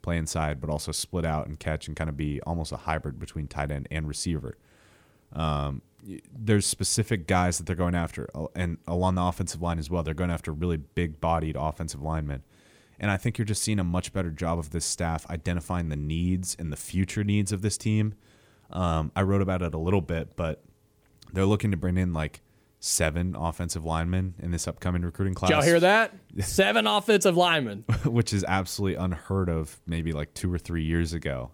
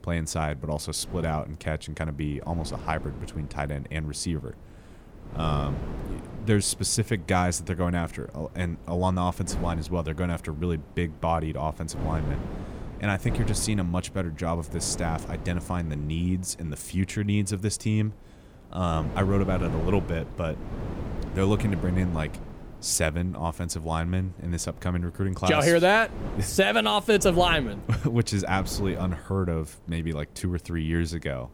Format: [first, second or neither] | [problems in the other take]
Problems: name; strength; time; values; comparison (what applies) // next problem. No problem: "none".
first | wind noise on the microphone; occasional gusts; 15 dB below the speech